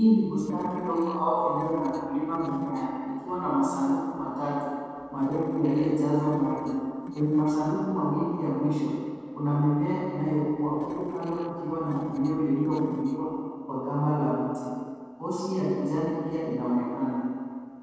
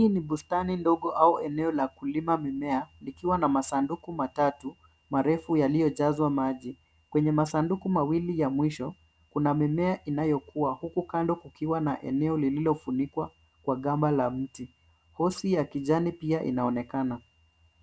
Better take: second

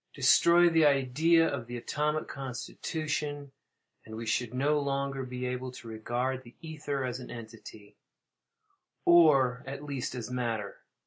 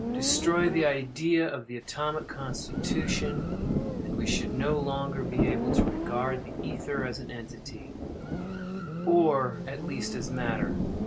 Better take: first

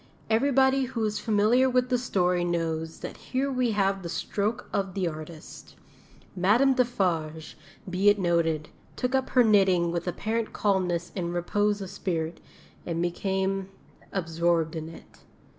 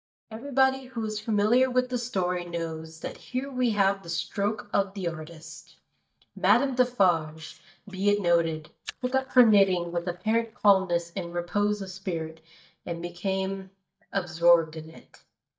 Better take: first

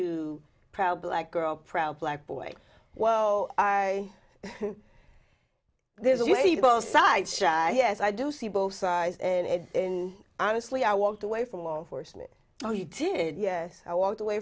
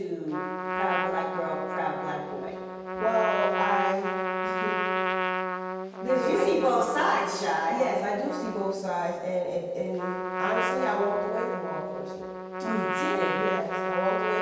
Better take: first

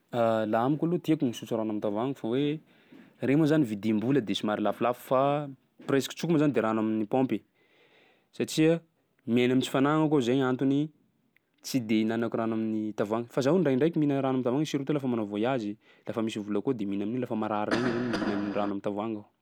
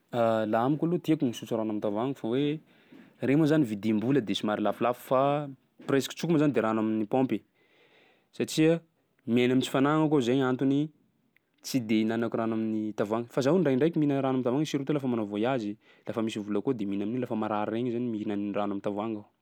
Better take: second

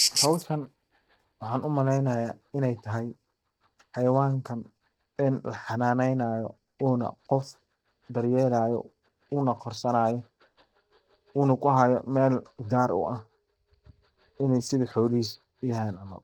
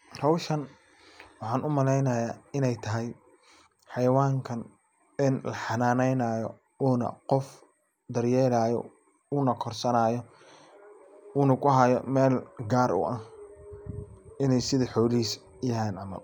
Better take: second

